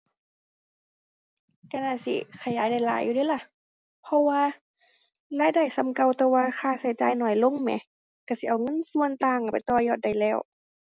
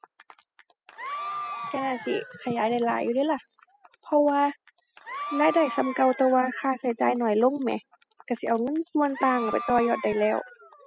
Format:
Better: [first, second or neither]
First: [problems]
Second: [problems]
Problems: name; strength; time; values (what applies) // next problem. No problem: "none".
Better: first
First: none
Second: noise reduction (classical method spectral subtraction)